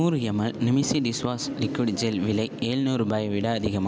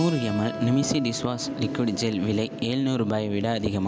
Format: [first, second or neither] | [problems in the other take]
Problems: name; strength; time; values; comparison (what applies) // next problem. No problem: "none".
first | background sound (Keyboard (musical)); 15 dB below the speech